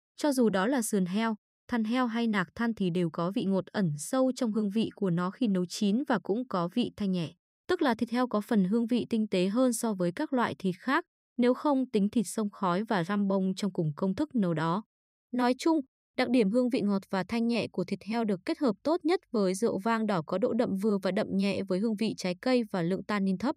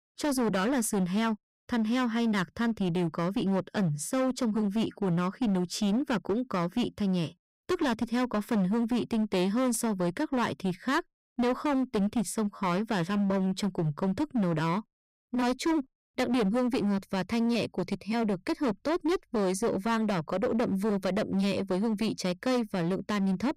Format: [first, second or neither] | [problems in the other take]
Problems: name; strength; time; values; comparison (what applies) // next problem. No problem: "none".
first | distortion; slight; 16% of the sound clipped